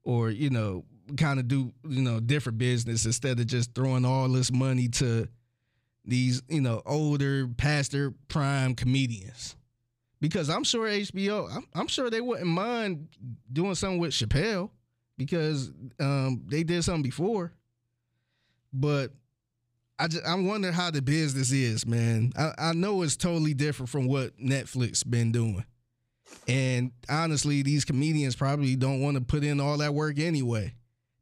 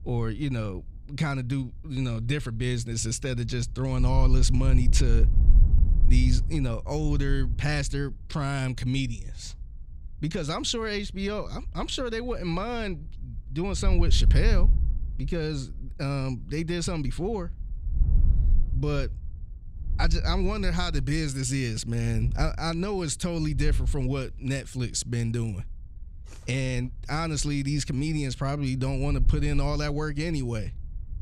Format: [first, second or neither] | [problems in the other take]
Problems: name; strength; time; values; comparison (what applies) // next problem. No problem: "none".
first | wind noise on the microphone; occasional gusts; 15 dB below the speech